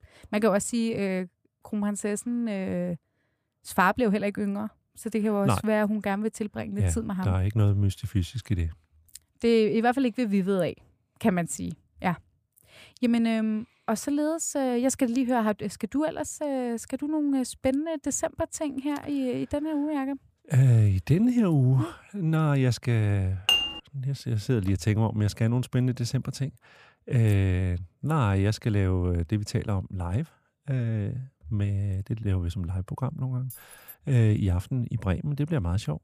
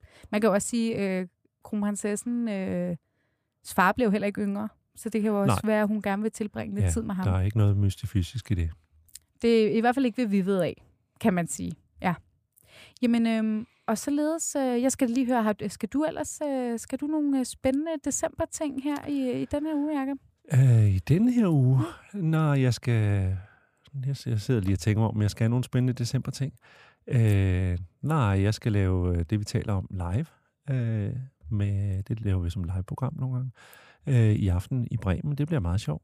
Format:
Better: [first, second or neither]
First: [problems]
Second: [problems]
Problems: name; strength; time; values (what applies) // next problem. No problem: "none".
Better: second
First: clattering dishes; loud; at 23 s; peak 4 dB above the speech // jangling keys; faint; at 34 s; peak 20 dB below the speech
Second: none